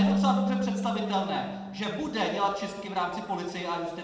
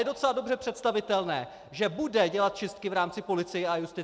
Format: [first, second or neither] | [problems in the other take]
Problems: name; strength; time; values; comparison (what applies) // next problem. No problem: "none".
second | background sound (Marimba, xylophone / Wood); 1 dB below the speech // room echo; dies away in 1 s